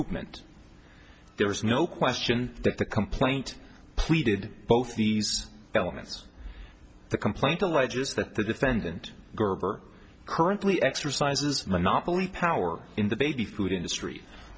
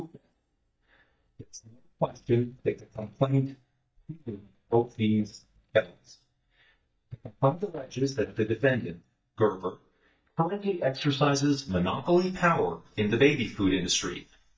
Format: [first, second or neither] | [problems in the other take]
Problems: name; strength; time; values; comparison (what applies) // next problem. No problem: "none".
first | noise reduction (neural mask model DeepFilterNet 3)